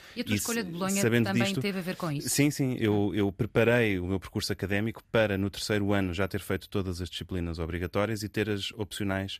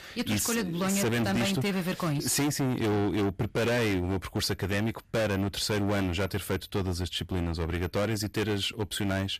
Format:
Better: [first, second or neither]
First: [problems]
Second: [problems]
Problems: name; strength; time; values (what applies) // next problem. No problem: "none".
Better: first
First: none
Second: distortion; heavy; 23% of the sound clipped